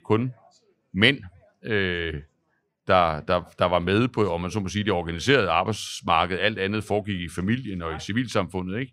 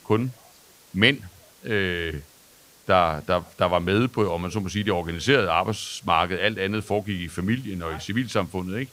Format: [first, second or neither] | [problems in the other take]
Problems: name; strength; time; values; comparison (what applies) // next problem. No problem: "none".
first | hiss; faint; throughout; 25 dB below the speech